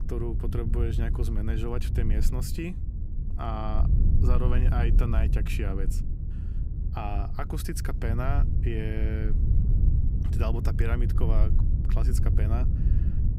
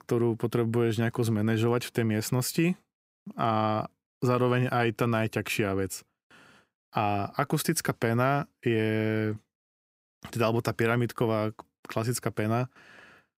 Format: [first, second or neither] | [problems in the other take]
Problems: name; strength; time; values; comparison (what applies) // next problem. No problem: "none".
second | wind noise on the microphone; heavy; 6 dB below the speech